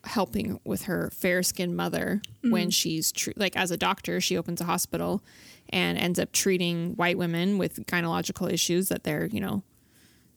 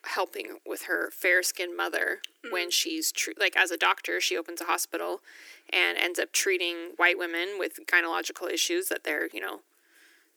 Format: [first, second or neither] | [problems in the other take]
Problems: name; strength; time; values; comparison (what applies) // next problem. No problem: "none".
first | thin; very; fading below 300 Hz